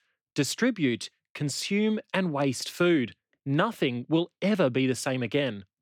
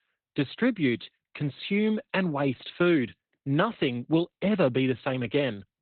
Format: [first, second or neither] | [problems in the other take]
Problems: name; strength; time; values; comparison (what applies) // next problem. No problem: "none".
first | garbled, watery; badly; nothing above 4 kHz